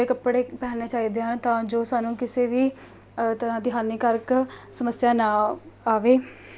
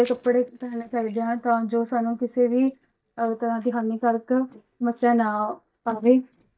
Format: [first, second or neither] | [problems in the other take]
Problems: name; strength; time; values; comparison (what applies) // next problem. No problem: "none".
first | noise reduction (neural mask model DeepFilterNet 3)